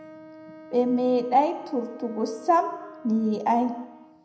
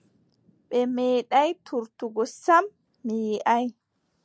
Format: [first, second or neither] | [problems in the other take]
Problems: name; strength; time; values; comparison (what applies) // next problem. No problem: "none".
second | background sound (Wind instrument, woodwind instrument); 19 dB below the speech // room echo; dies away in 0.8 s